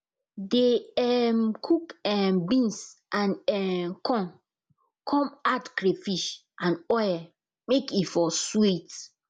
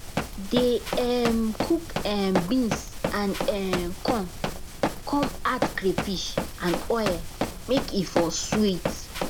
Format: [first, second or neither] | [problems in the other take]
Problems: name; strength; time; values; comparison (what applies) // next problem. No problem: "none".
first | background sound (Run); 3 dB below the speech